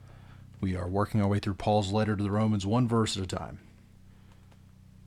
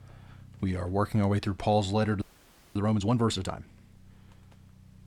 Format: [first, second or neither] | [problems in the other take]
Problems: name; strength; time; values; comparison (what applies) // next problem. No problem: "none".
first | audio freezing; at 2 s for 0.5 s